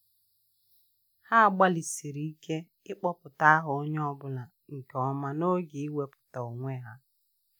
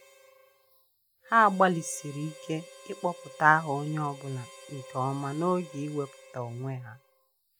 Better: first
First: none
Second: background sound (Harmonica); 20 dB below the speech

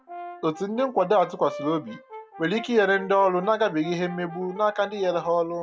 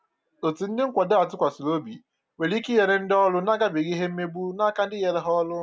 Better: second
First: background sound (Brass instrument); 16 dB below the speech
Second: none

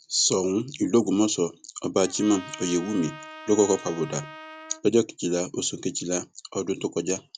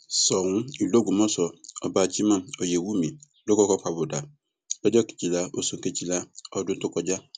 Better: second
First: background sound (Trumpet); 17 dB below the speech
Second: none

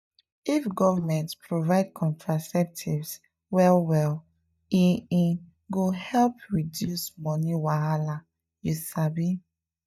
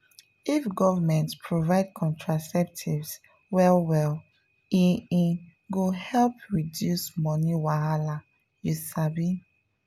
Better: second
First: noise reduction (neural mask model DeepFilterNet 3)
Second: none

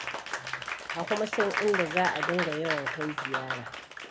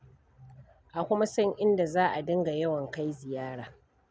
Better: second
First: background sound (Applause); 1 dB below the speech // room echo; dies away in 1.8 s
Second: none

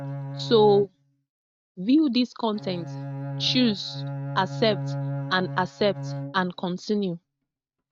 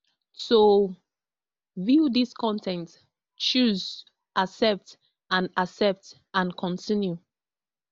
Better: second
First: noise reduction (neural mask model RNNoise)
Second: none

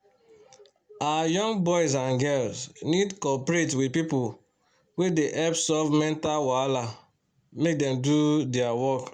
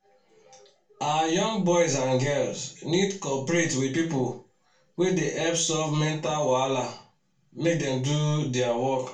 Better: first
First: none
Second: room echo; dies away in 0.3 s

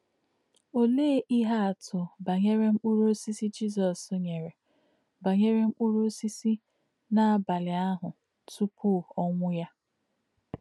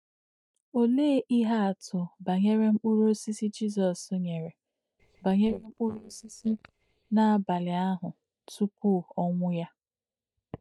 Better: first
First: none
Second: noise reduction (neural mask model DeepFilterNet 3)

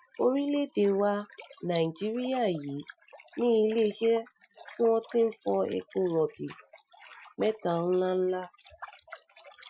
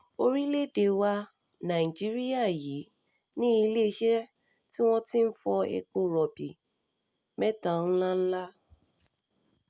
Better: second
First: noise reduction (classical method Wiener filter)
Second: none

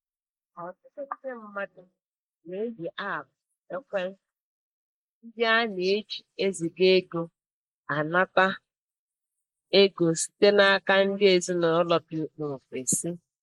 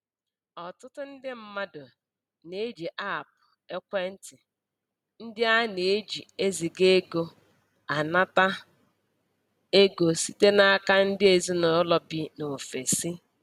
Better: second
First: noise reduction (neural mask model Resemble Enhance denoiser)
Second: none

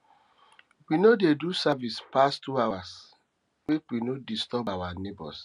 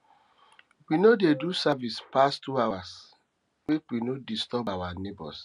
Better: first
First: none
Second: background sound (Wind instrument, woodwind instrument); 16 dB below the speech

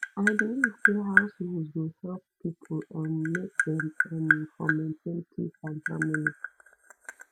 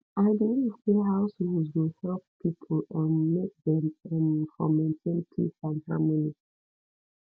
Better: second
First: background sound (Tap); 1 dB above the speech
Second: none

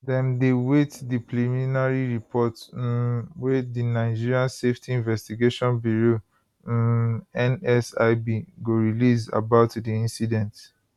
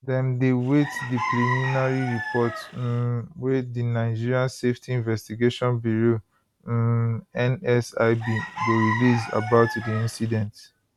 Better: first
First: none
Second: background sound (Chicken, rooster); 7 dB below the speech

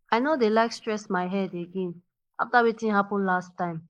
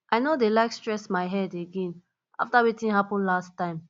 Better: second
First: noise reduction (neural mask model Resemble Enhance denoiser)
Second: none

